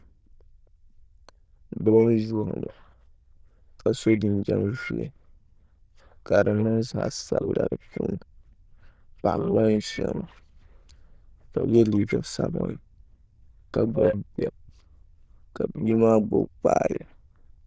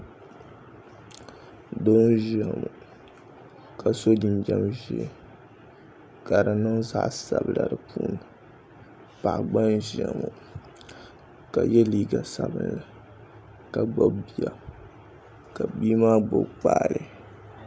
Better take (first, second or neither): second